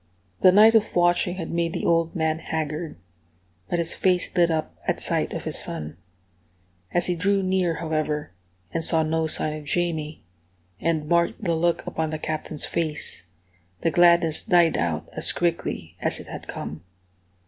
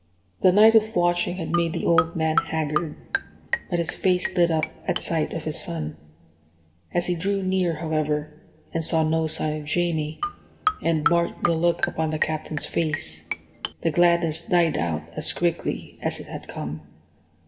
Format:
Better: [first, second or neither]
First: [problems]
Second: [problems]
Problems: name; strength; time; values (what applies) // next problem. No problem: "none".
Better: first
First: none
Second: background sound (Marimba, xylophone); 6 dB below the speech // room echo; dies away in 2.9 s